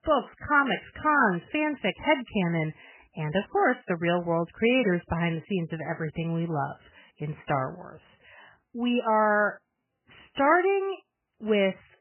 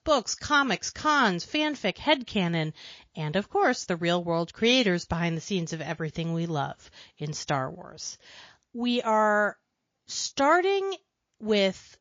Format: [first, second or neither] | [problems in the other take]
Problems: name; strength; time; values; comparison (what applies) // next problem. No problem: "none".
second | garbled, watery; badly; nothing above 3 kHz; slightly in the second